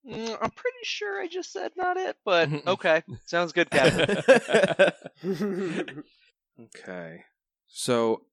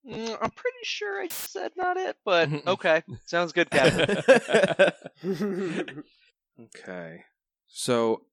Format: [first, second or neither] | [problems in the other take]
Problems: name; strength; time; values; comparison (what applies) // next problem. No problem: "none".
first | audio cutting out; filled with static; at 1.5 s